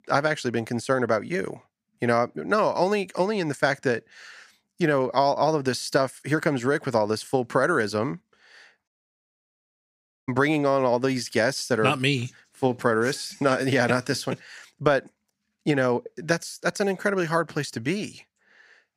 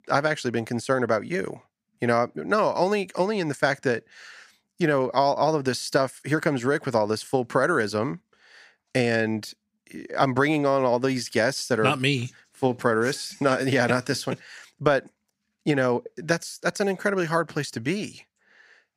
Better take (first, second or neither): second